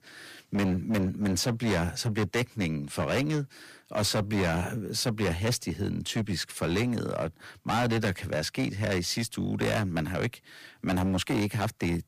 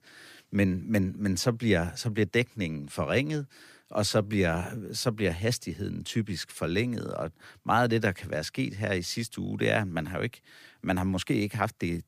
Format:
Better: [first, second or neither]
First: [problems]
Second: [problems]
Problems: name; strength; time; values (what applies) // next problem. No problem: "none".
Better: second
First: distortion; heavy; 15% of the sound clipped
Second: none